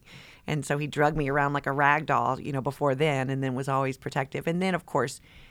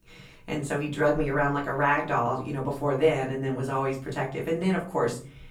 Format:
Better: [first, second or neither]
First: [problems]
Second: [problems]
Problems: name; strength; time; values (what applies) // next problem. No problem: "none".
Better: first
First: none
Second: room echo; slight; dies away in 0.5 s // off-mic speech; far